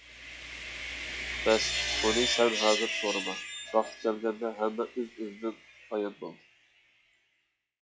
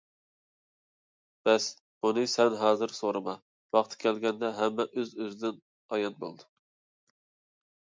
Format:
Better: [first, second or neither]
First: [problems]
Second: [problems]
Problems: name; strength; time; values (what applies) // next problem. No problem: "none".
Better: second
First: noise reduction (classical method log-MMSE)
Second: none